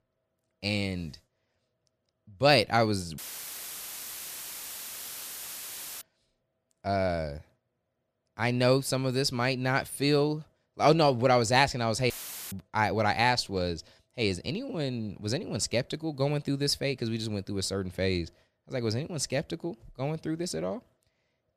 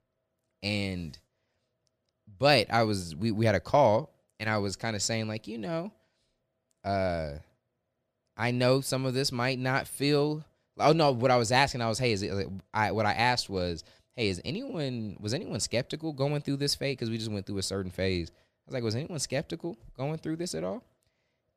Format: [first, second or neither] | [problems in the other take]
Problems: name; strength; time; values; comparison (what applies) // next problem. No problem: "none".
second | audio cutting out; filled with static; at 3 s for 3 s and at 12 s